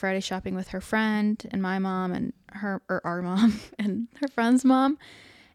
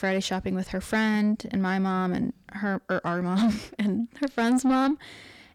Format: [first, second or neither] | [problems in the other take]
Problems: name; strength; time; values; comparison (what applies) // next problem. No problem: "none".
first | distortion; slight; 10 dB below the speech